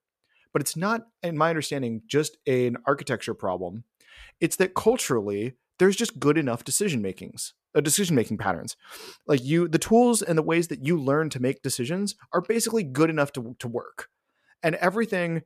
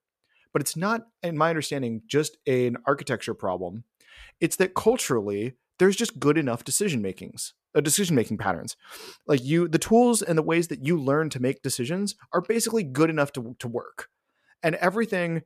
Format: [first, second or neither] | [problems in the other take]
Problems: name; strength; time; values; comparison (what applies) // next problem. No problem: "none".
neither | none